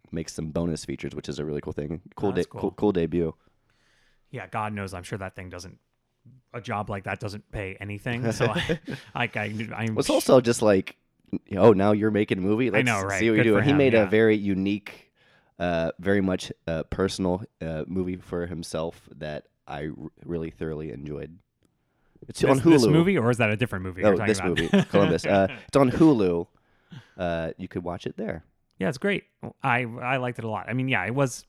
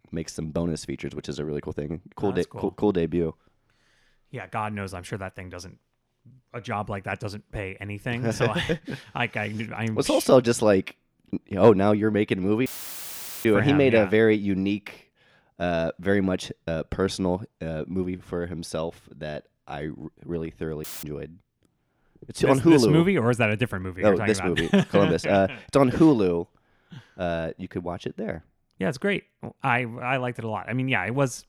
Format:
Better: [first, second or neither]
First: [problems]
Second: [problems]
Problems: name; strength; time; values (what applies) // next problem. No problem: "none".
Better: first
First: none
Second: audio cutting out; filled with static; at 13 s for 1 s and at 21 s